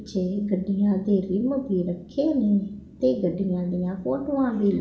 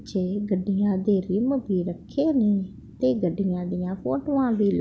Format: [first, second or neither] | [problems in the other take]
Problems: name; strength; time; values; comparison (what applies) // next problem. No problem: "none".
second | room echo; dies away in 0.7 s